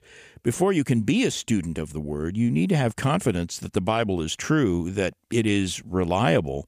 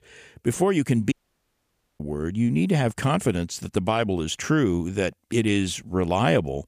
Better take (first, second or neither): first